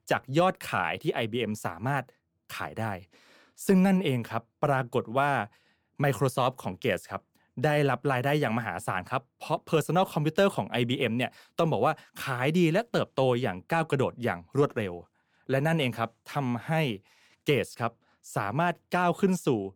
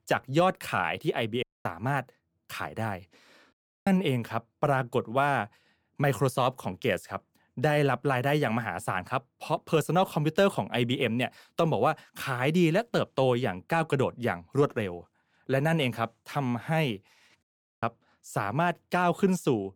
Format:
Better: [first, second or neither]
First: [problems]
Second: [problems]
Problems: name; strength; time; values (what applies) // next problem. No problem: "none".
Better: first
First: none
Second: audio cutting out; at 1.5 s, at 3.5 s and at 17 s